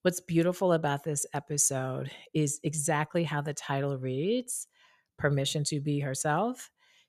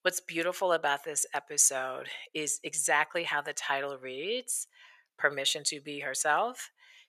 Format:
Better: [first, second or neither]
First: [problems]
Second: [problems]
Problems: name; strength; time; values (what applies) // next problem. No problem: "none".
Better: first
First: none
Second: thin; very; fading below 600 Hz